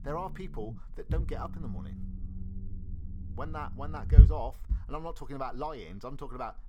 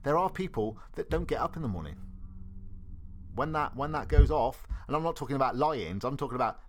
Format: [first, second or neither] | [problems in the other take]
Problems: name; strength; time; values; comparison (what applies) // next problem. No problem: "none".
second | low rumble; loud; throughout; 9 dB below the speech; faint in the second